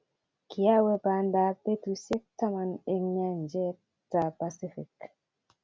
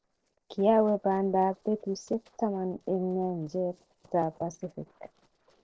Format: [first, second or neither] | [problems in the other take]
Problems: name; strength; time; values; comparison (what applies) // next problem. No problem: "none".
first | noise reduction (neural separator model SepFormer DNS4)